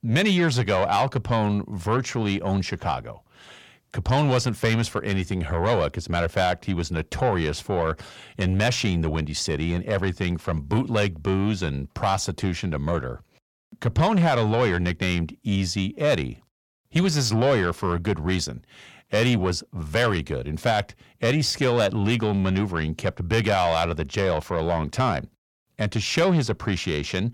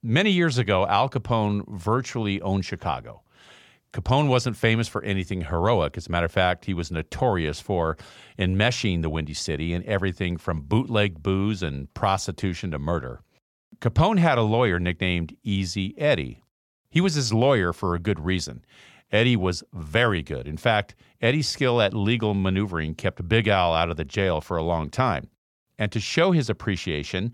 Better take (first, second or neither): second